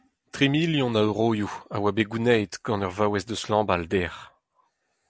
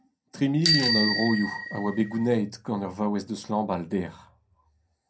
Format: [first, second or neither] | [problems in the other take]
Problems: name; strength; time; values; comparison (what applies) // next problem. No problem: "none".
first | background sound (Bicycle bell); 2 dB below the speech // room echo; dies away in 0.2 s